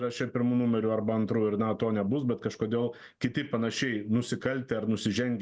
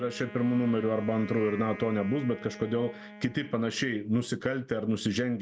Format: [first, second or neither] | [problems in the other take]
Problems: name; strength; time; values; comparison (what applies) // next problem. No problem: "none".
first | background sound (Wind instrument, woodwind instrument); 17 dB below the speech